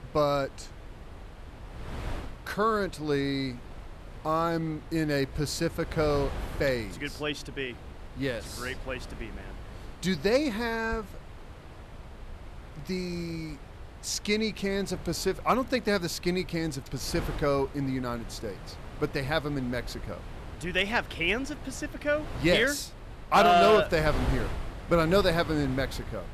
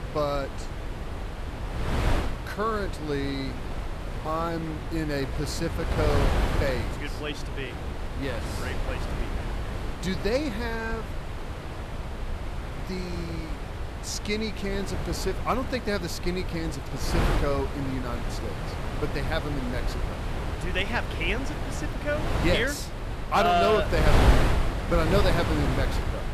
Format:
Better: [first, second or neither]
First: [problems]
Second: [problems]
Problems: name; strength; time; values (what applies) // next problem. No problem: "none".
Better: first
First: wind noise on the microphone; occasional gusts; 15 dB below the speech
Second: wind noise on the microphone; heavy; 5 dB below the speech